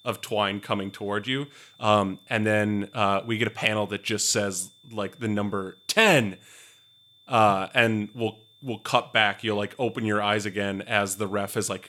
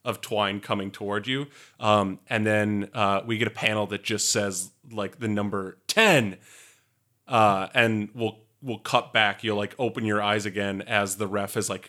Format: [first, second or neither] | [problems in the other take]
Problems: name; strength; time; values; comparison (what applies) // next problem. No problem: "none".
second | high-pitched whine; faint; throughout; 3.5 kHz, 30 dB below the speech